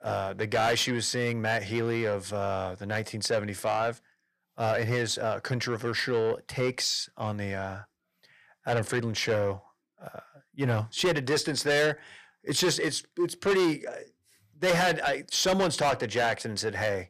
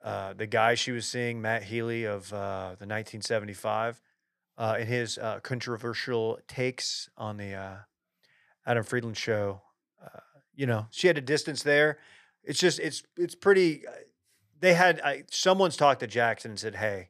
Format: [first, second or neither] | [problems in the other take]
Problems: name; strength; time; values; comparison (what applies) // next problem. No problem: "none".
second | distortion; heavy; 6 dB below the speech